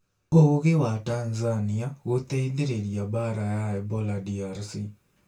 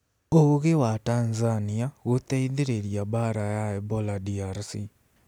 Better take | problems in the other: second | room echo; dies away in 0.2 s

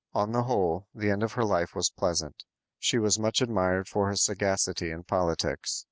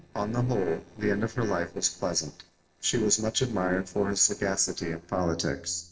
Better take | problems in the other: first | noise reduction (neural separator model SepFormer DNS4)

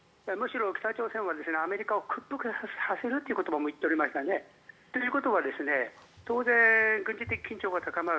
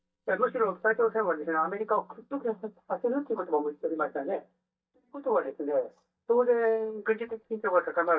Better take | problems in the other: first | noise reduction (neural mask model DeepFilterNet 3)

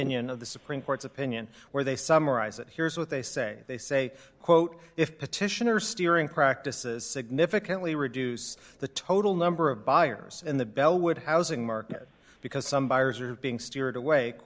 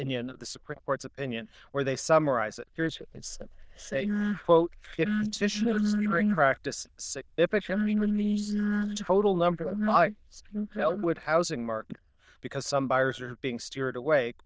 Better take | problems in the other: first | noise reduction (neural diffusion model UNIVERSE++)

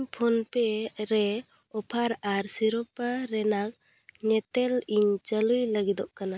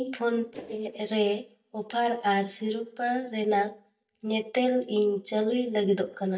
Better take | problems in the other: first | noise reduction (neural mask model DeepFilterNet 3)

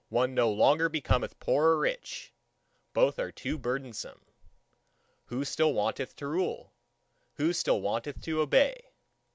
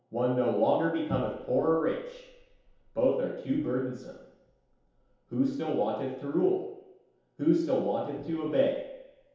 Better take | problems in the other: first | room echo; dies away in 0.8 s

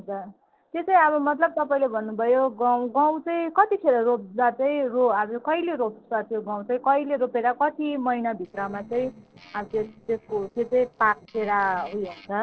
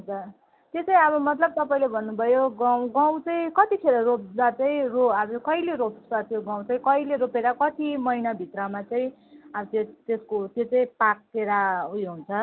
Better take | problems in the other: second | noise reduction (neural separator model SepFormer DNS4)

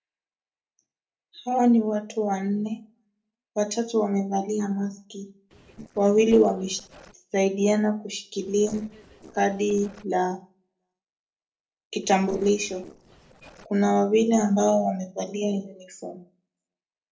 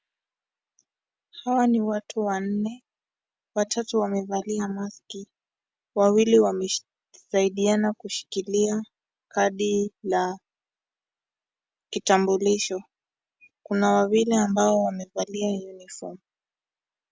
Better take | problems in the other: second | noise reduction (neural separator model SepFormer DNS4)

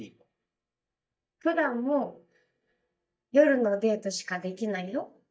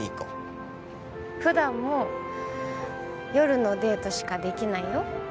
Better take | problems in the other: second | noise reduction (neural mask model DeepFilterNet 3)

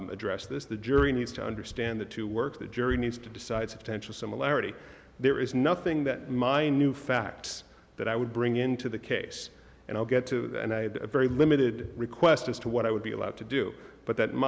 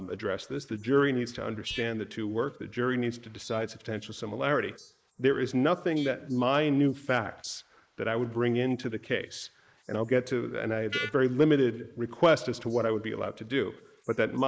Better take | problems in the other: first | noise reduction (neural mask model Resemble Enhance denoiser)

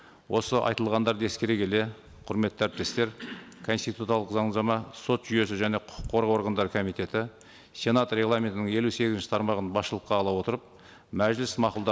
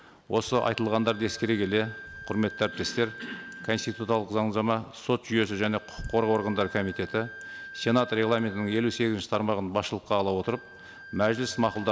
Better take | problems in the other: first | background sound (Wind instrument, woodwind instrument); 17 dB below the speech

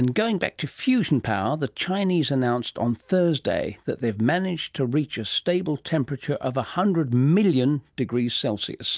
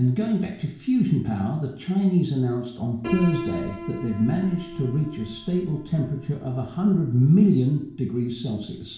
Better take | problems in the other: first | background sound (Piano); 15 dB below the speech // room echo; dies away in 0.6 s

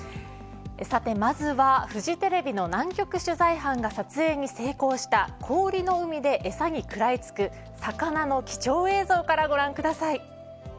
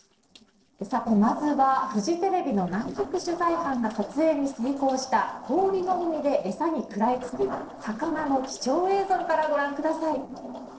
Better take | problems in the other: first | noise reduction (neural separator model SepFormer DNS4)

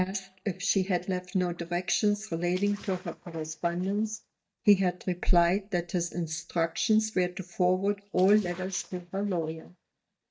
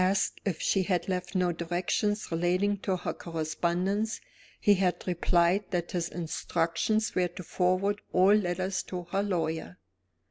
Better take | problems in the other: second | noise reduction (neural mask model DeepFilterNet 3)

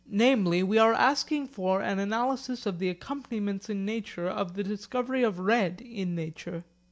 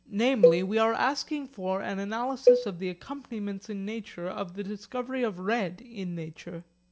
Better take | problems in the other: first | background sound (Cowbell); 3 dB above the speech

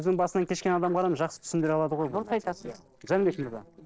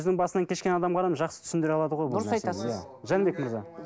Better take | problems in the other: second | noise reduction (neural separator model SepFormer DNS4)

